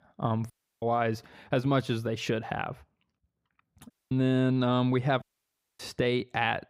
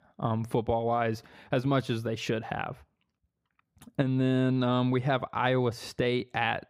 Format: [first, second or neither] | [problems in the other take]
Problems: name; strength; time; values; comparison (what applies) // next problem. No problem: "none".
second | audio cutting out; at 0.5 s, at 4 s and at 5 s for 0.5 s